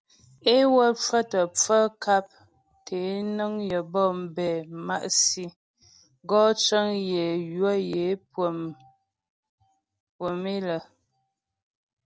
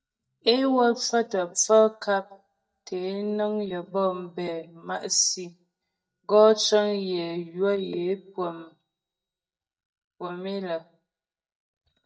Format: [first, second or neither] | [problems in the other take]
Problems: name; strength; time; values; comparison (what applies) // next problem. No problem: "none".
first | noise reduction (neural mask model DeepFilterNet 3)